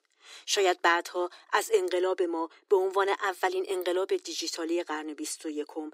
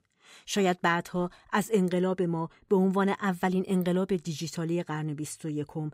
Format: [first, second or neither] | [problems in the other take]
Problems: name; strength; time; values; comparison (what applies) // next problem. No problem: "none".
second | thin; very; fading below 300 Hz